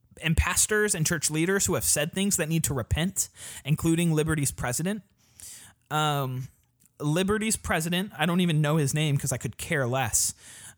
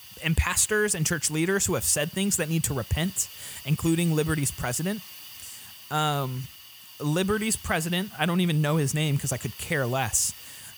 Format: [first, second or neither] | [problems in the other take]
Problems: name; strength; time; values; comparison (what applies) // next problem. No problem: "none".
first | hiss; noticeable; throughout; 15 dB below the speech